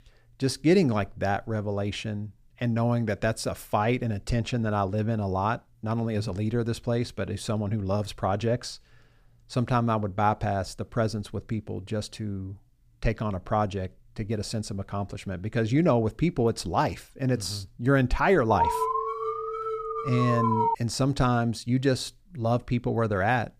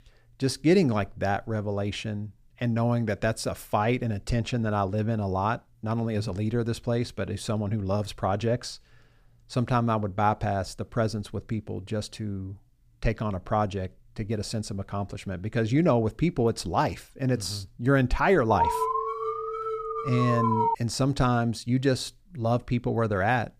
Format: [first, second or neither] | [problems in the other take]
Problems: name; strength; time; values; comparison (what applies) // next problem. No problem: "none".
neither | alarm; loud; from 19 to 21 s; peak 2 dB above the speech; the same in both